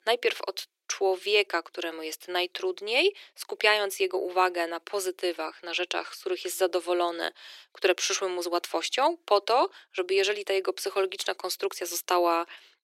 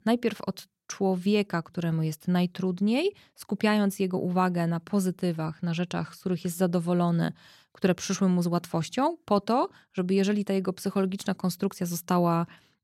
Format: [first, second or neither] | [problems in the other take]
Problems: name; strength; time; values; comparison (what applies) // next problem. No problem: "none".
second | thin; very; fading below 350 Hz